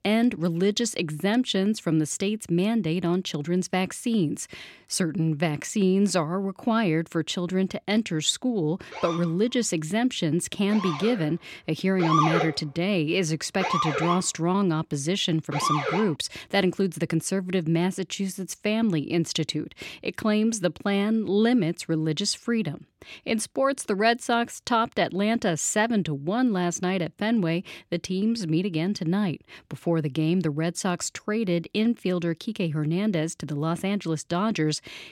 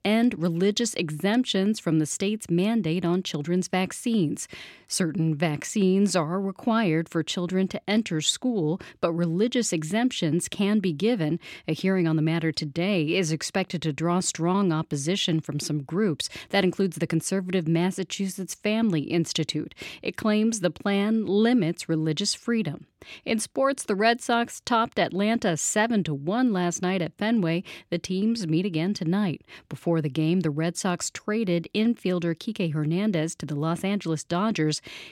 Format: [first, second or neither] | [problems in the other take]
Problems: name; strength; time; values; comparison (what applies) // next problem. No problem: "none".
second | siren; loud; from 9 to 16 s; peak 3 dB above the speech